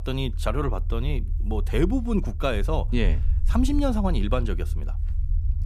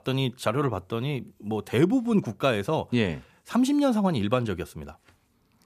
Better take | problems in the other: second | low rumble; noticeable; throughout; 20 dB below the speech

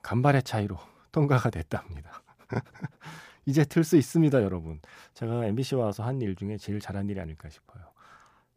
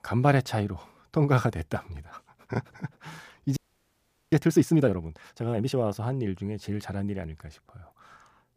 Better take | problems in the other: first | audio freezing; at 3.5 s for 1 s

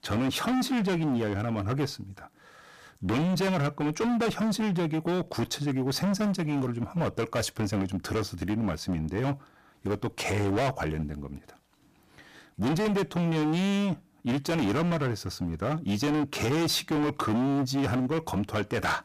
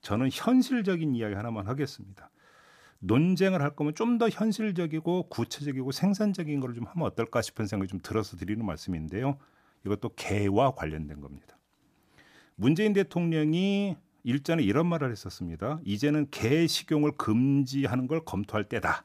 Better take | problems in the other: second | distortion; heavy; 24% of the sound clipped

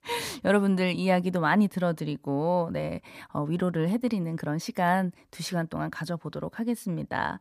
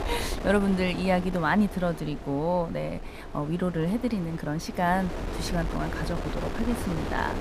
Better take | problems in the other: first | wind noise on the microphone; heavy; 9 dB below the speech

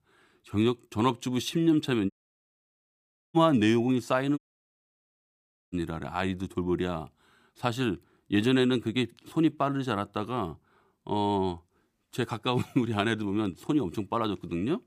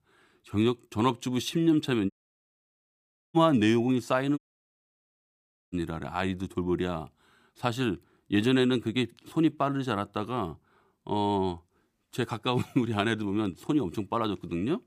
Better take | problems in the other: neither | audio cutting out; at 2 s for 1 s and at 4.5 s for 1.5 s; the same in both

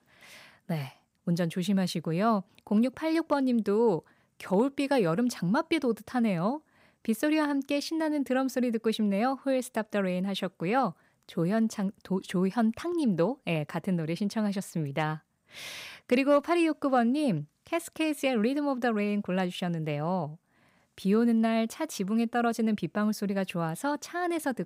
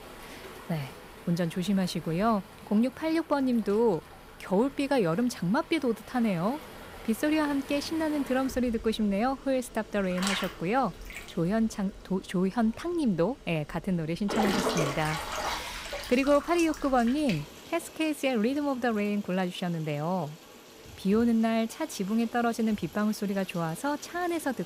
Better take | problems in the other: first | rain or running water; noticeable; throughout; 10 dB below the speech

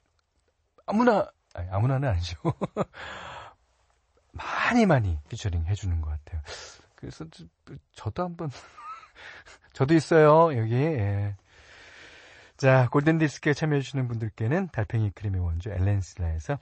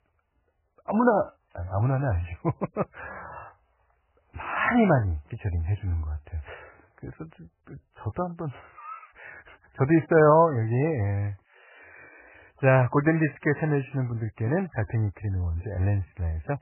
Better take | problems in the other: first | garbled, watery; badly; nothing above 2.5 kHz; slightly in the first

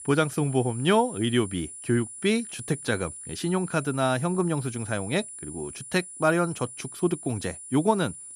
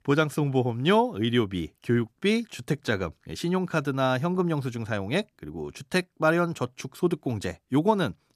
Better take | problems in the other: second | high-pitched whine; noticeable; throughout; 9.5 kHz, 10 dB below the speech

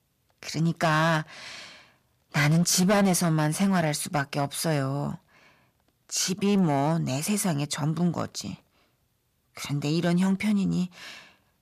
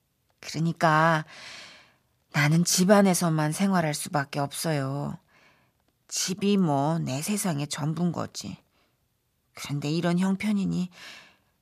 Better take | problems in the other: second | distortion; slight; 5% of the sound clipped

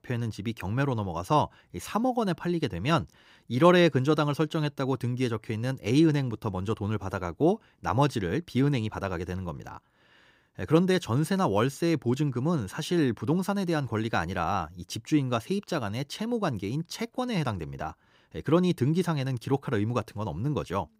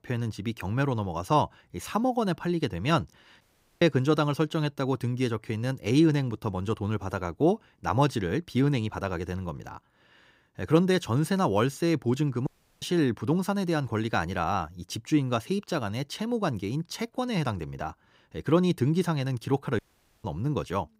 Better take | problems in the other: first | audio cutting out; at 3.5 s, at 12 s and at 20 s

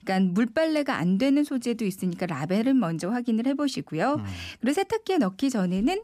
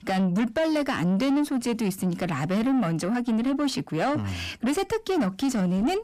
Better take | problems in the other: first | distortion; slight; 10 dB below the speech

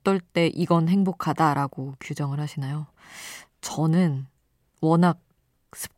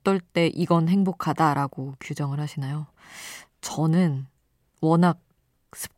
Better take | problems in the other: neither | none

